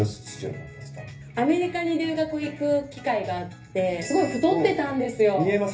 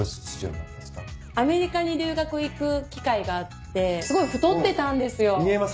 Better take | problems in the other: second | room echo; dies away in 0.3 s

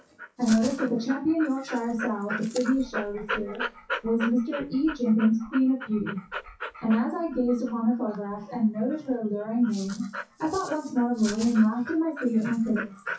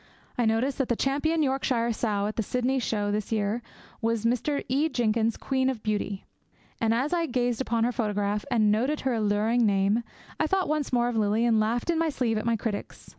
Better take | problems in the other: second | noise reduction (classical method WPE with log-MMSE)

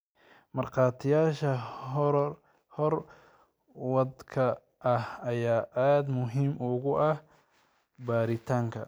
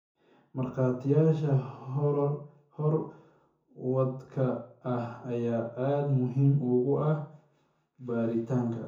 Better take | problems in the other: first | room echo; dies away in 0.6 s

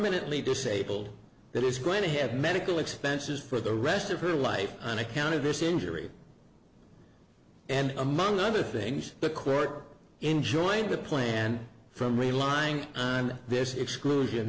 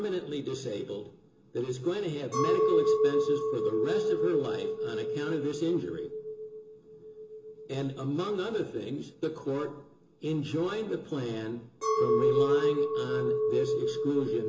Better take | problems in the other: first | background sound (Chink, clink); 2 dB above the speech // room echo; dies away in 0.2 s

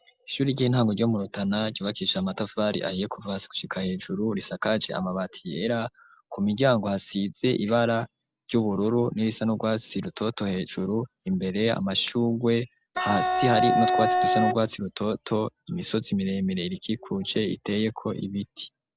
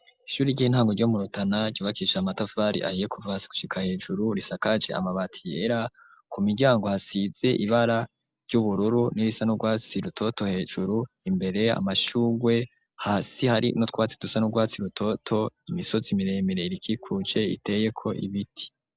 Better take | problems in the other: second | background sound (Wind instrument, woodwind instrument); 3 dB above the speech

